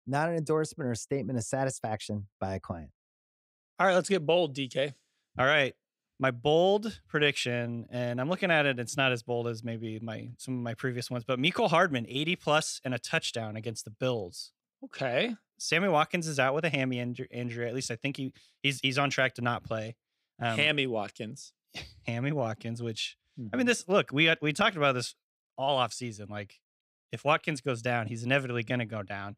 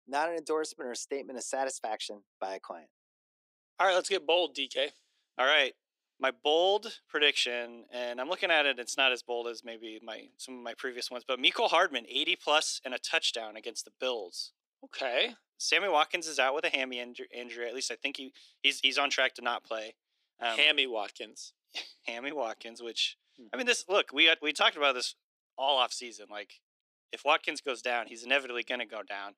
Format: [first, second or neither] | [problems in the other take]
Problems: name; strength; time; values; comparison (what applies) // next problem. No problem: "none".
first | thin; somewhat; fading below 300 Hz